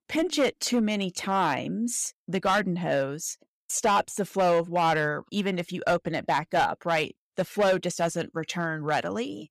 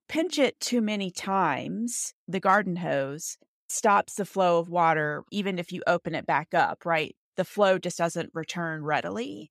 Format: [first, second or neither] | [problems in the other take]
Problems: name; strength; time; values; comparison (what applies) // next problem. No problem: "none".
second | distortion; slight; 5% of the sound clipped